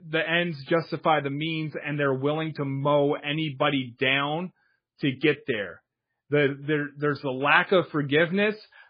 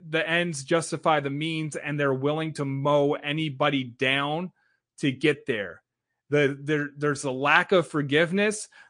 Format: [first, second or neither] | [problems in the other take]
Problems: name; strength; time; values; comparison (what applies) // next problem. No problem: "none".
second | garbled, watery; badly; slightly in the second